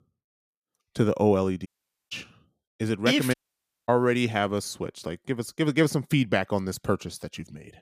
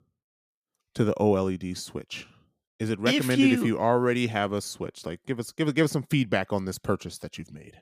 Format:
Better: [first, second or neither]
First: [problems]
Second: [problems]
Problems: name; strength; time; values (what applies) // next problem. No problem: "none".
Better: second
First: audio cutting out; at 1.5 s and at 3.5 s for 0.5 s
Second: none